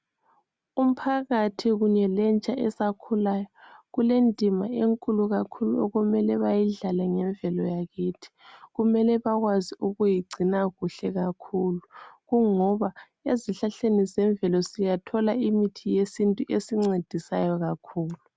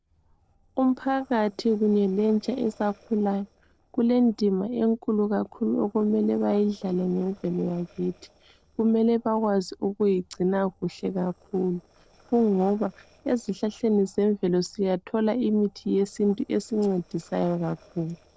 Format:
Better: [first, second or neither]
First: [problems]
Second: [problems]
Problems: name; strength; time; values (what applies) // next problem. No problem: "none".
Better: first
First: none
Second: noise reduction (neural separator model SepFormer DNS4)